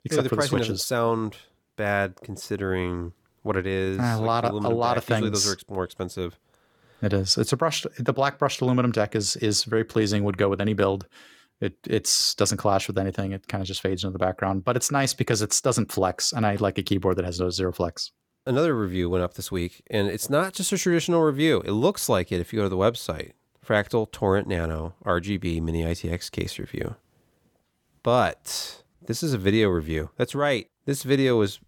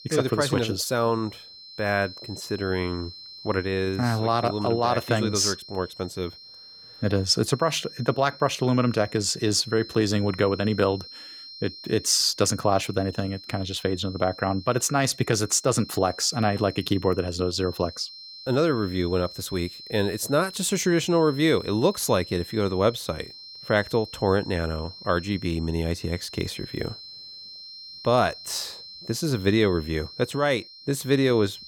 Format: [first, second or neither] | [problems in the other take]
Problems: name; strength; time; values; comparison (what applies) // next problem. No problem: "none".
first | high-pitched whine; noticeable; throughout; 4 kHz, 15 dB below the speech